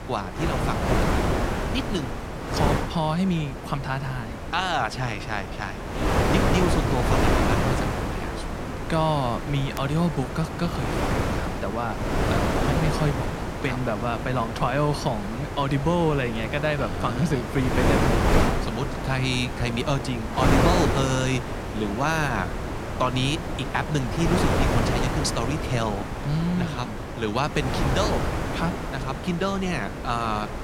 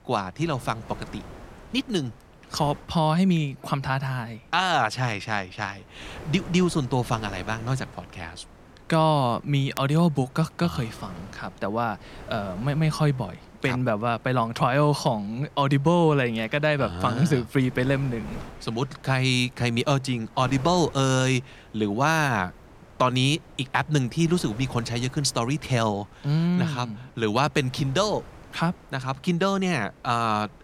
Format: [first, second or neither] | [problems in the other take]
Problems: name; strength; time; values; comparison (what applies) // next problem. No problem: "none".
second | wind noise on the microphone; heavy; 1 dB below the speech; occasional gusts in the second